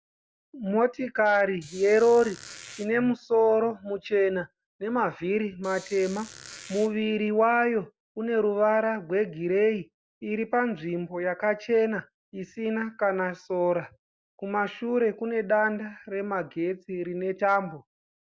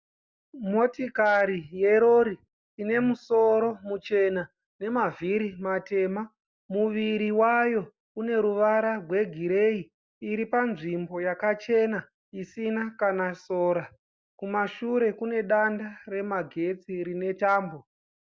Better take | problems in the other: second | background sound (Squeak); 18 dB below the speech

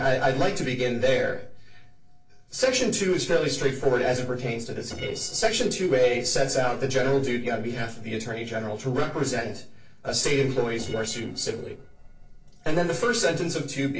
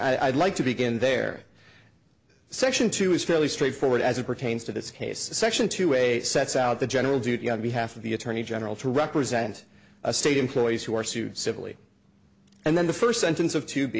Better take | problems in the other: second | noise reduction (neural separator model SepFormer DNS4)

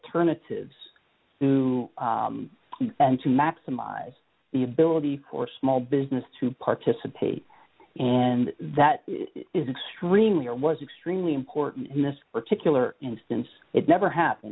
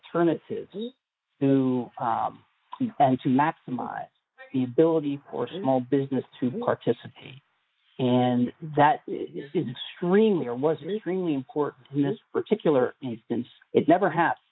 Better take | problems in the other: first | noise reduction (neural mask model Resemble Enhance denoiser)

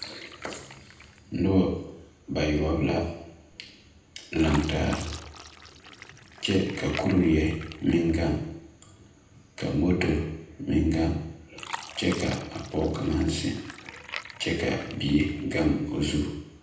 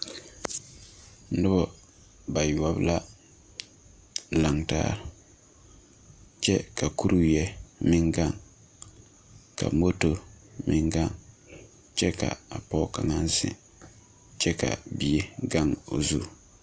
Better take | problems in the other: second | background sound (Fill (with liquid)); 17 dB below the speech // room echo; dies away in 0.8 s

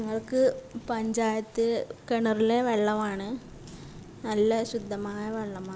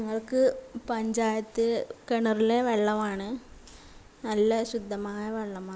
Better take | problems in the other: second | background sound (Fire); 19 dB below the speech

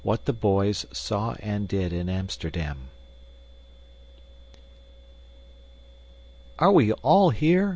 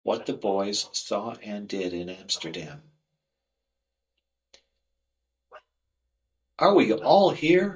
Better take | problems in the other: first | noise reduction (neural mask model DeepFilterNet 3)

